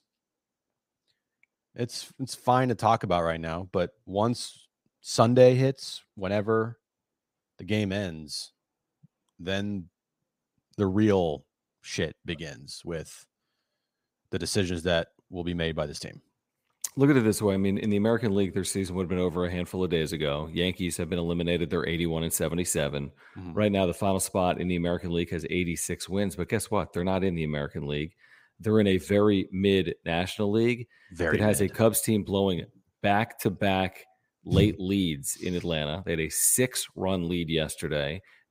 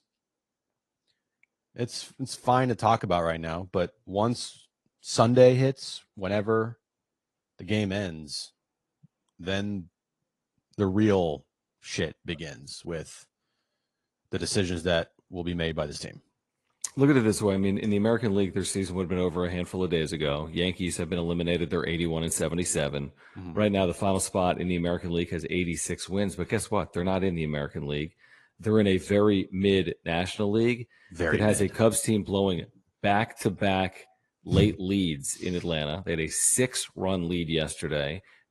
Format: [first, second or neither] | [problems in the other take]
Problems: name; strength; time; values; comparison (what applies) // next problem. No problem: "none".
first | garbled, watery; slightly